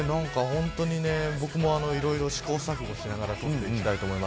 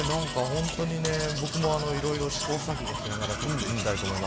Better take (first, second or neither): first